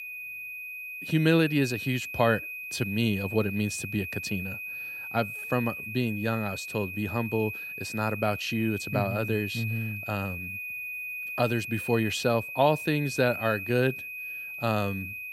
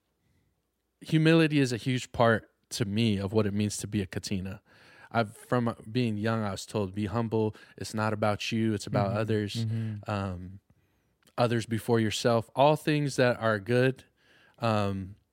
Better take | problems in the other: second | high-pitched whine; loud; throughout; 2.5 kHz, 6 dB below the speech

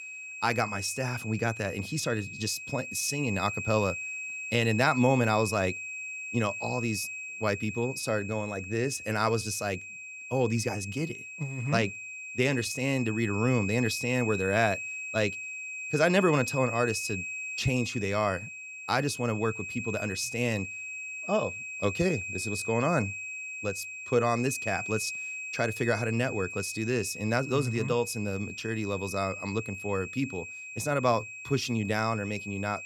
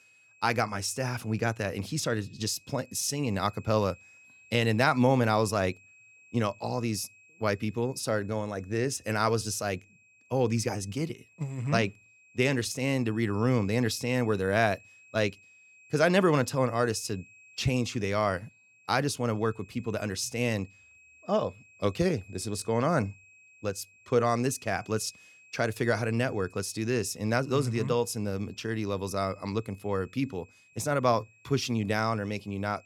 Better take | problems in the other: second | high-pitched whine; loud; throughout; 2.5 kHz, 7 dB below the speech; faint in the second

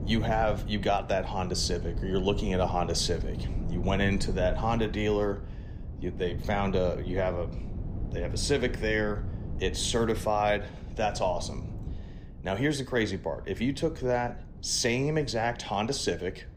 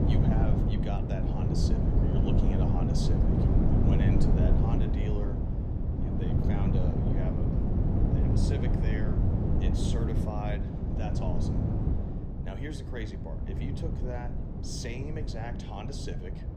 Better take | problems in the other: first | wind noise on the microphone; heavy; 3 dB above the speech; occasional gusts in the first

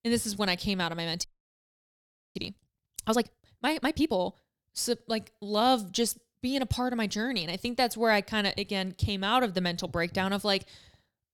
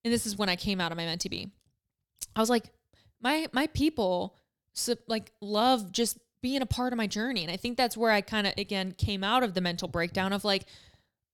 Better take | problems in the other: second | audio freezing; at 1 s for 1 s

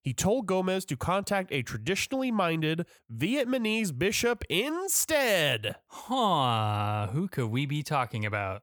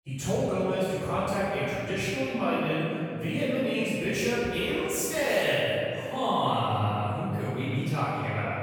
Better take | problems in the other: first | room echo; strong; dies away in 2.6 s // off-mic speech; far

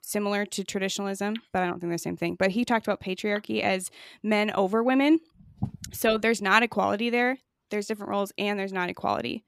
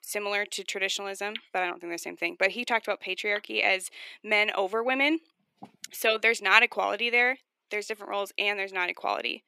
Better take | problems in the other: first | thin; somewhat; fading below 350 Hz

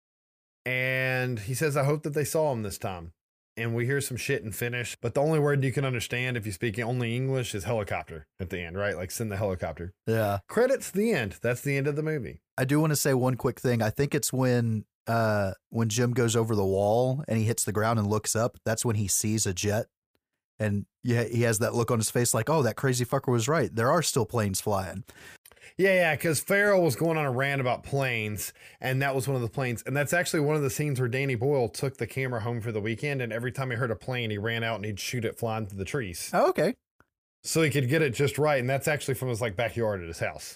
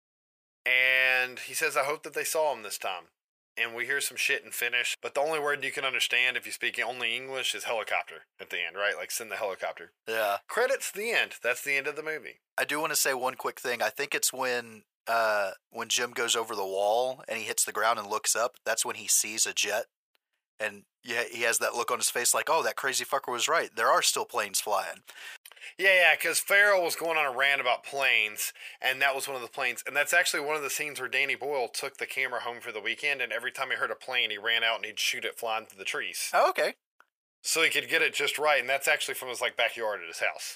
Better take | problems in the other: first | thin; very; fading below 800 Hz

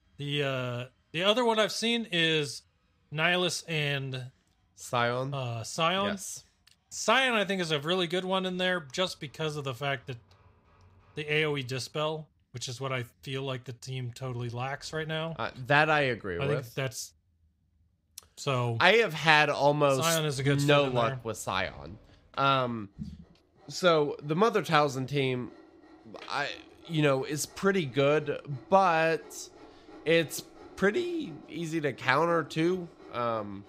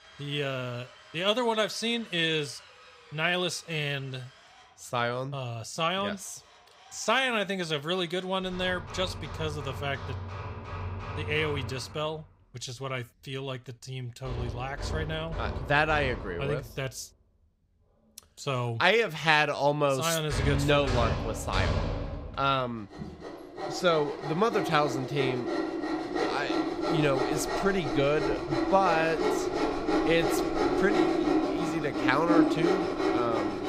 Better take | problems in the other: first | machinery noise; loud; throughout; 2 dB below the speech; faint in the first

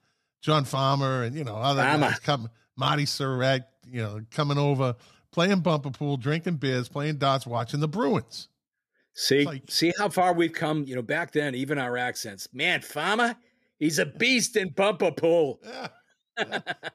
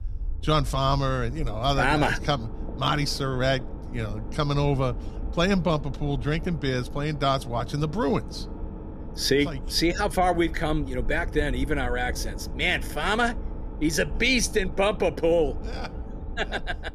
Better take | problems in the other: first | low rumble; noticeable; throughout; 20 dB below the speech

